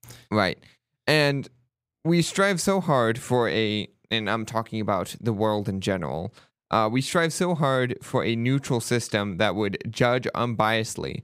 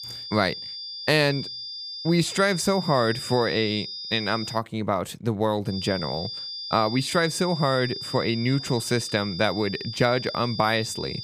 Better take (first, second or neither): first